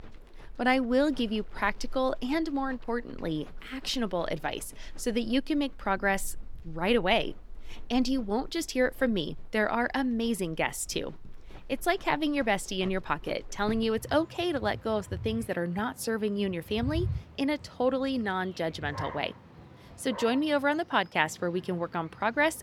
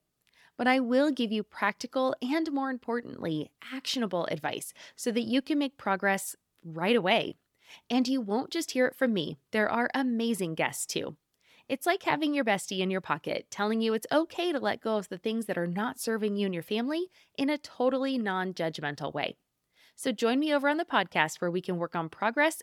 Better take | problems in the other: second | animal sounds; noticeable; throughout; 15 dB below the speech

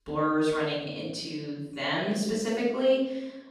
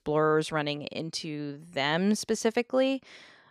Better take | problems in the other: second | off-mic speech; far // room echo; noticeable; dies away in 0.9 s

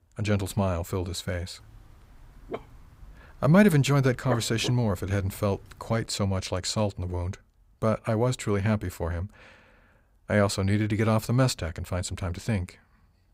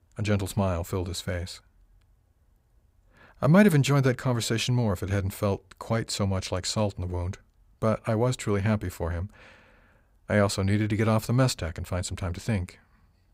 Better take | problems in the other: second | dog barking; noticeable; from 2.5 to 4.5 s; peak 8 dB below the speech

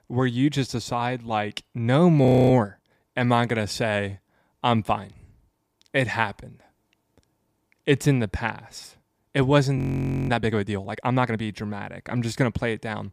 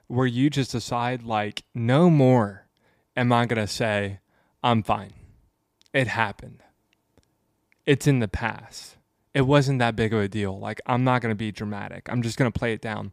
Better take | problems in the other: second | audio freezing; at 2.5 s and at 10 s for 0.5 s

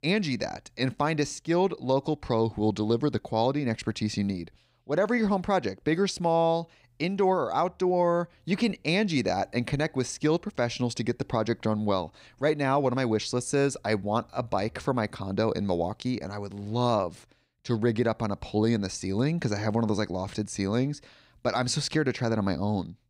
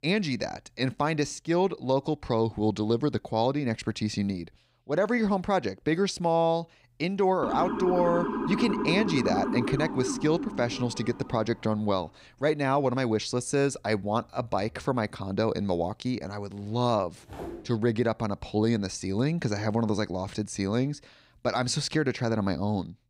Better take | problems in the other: first | siren; noticeable; from 7.5 to 11 s; peak 1 dB below the speech // footsteps; faint; at 17 s; peak 10 dB below the speech

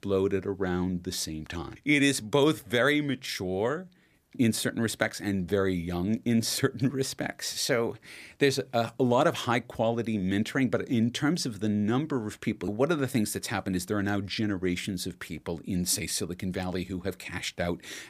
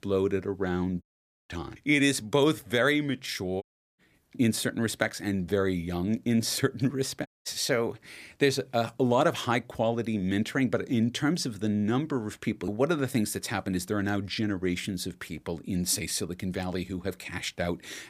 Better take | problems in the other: first | audio cutting out; at 1 s, at 3.5 s and at 7.5 s

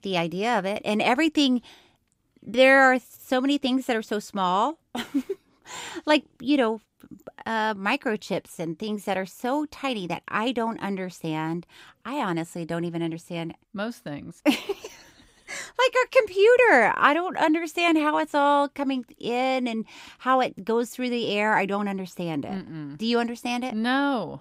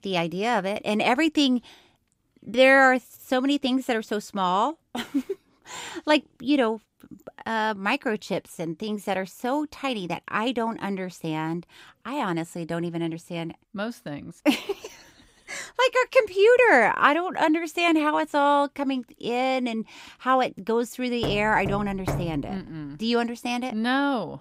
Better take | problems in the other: first | door banging; noticeable; from 21 to 22 s; peak 6 dB below the speech

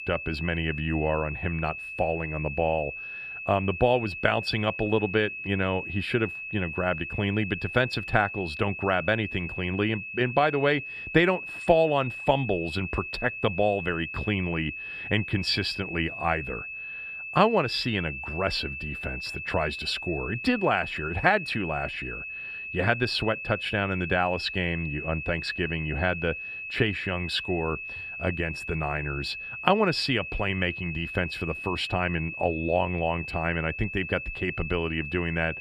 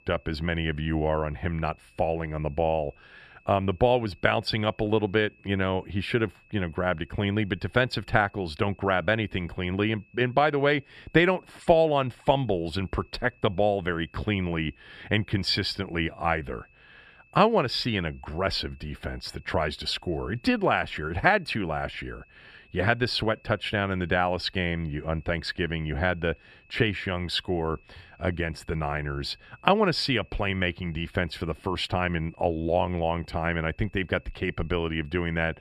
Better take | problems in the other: second | high-pitched whine; loud; throughout; 2.5 kHz, 7 dB below the speech; faint in the second

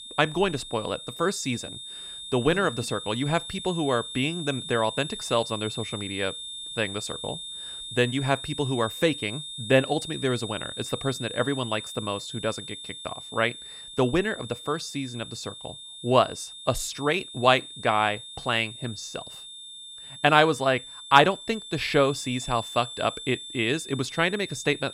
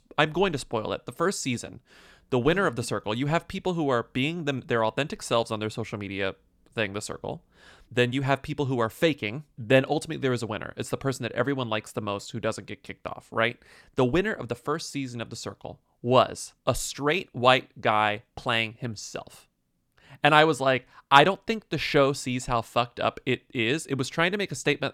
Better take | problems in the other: second | high-pitched whine; noticeable; throughout; 3.5 kHz, 10 dB below the speech

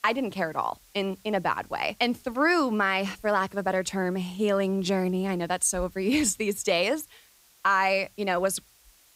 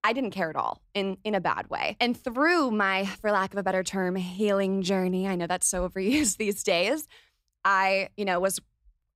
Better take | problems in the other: second | hiss; faint; throughout; 30 dB below the speech

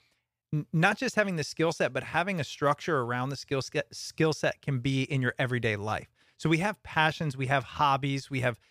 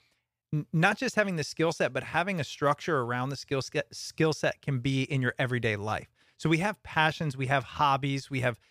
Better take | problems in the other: neither | none

